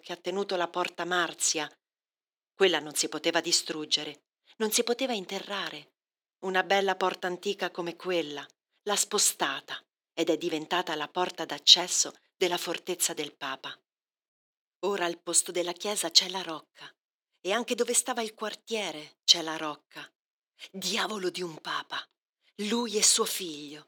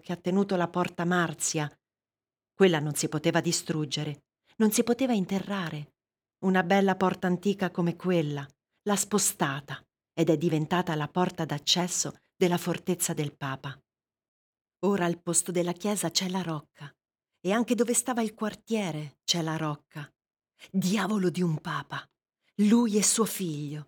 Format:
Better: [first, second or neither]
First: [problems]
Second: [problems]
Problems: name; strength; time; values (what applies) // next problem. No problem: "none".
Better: second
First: thin; somewhat; fading below 300 Hz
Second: none